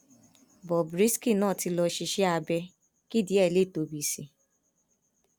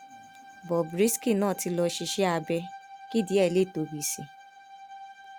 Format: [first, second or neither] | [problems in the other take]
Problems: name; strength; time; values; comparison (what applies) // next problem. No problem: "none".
first | background sound (Bowed string instrument); 18 dB below the speech